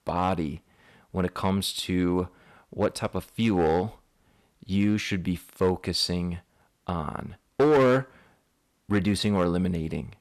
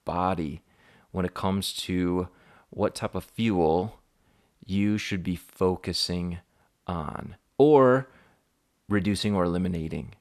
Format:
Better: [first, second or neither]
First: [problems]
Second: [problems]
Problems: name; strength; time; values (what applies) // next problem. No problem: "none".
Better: second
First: distortion; slight; 2% of the sound clipped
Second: none